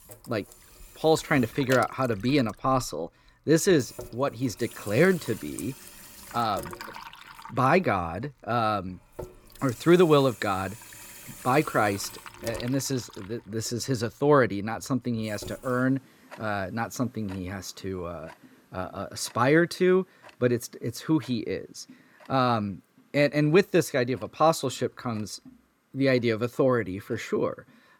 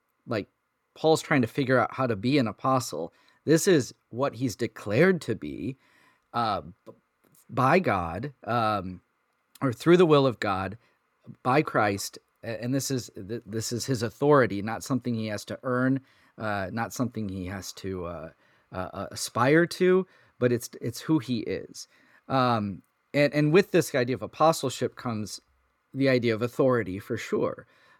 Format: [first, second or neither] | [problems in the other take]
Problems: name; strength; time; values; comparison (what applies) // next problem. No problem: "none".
second | household noises; noticeable; throughout; 20 dB below the speech